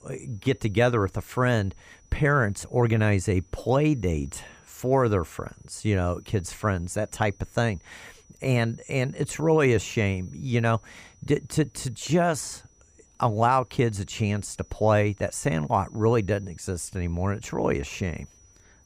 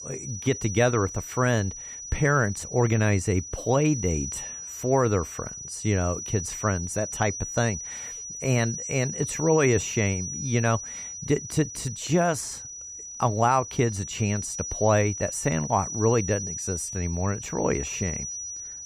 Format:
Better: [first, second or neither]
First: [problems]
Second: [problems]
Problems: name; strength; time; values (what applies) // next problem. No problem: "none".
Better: first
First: high-pitched whine; faint; throughout; 6 kHz, 30 dB below the speech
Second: high-pitched whine; loud; throughout; 6 kHz, 7 dB below the speech